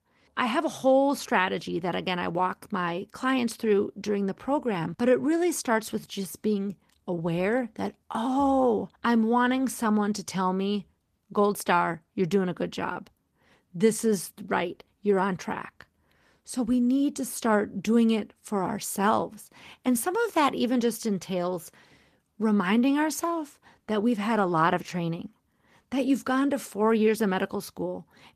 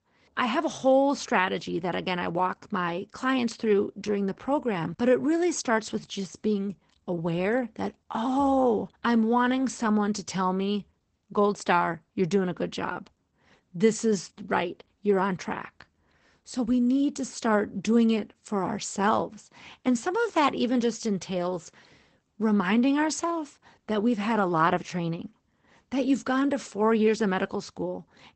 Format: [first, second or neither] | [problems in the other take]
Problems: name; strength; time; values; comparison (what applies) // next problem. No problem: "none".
first | garbled, watery; badly; nothing above 8 kHz; slightly in the first